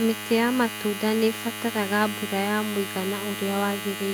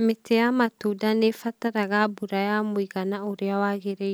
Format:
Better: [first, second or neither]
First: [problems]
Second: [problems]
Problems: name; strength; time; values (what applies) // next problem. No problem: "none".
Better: second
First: background sound (Domestic sounds, home sounds); 8 dB below the speech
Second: none